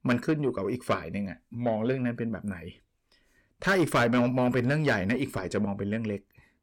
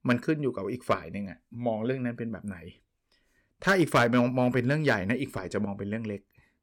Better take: second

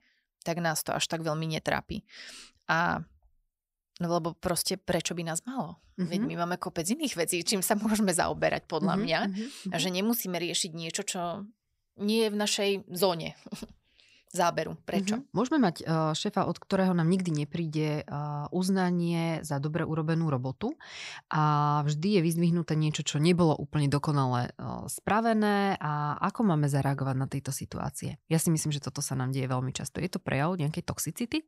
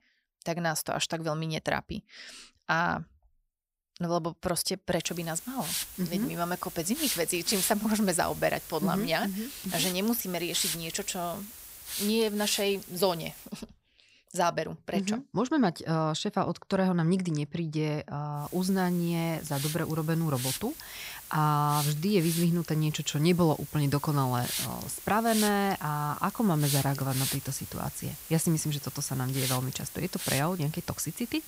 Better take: first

